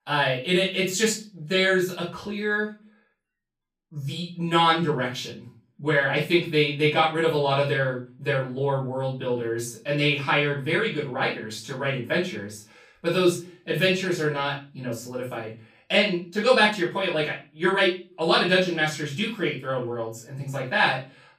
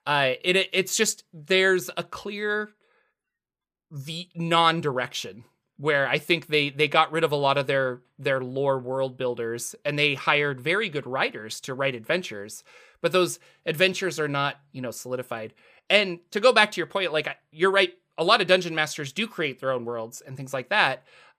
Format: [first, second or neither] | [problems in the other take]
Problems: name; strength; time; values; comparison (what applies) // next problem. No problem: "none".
second | off-mic speech; far // room echo; slight; dies away in 0.3 s